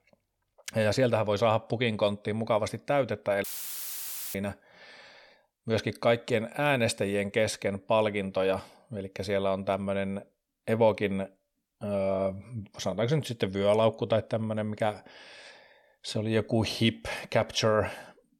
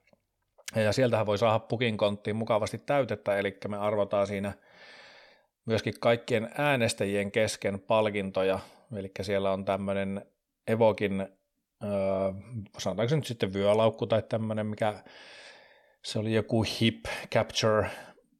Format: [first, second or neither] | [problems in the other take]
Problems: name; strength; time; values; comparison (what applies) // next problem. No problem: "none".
second | audio cutting out; filled with static; at 3.5 s for 1 s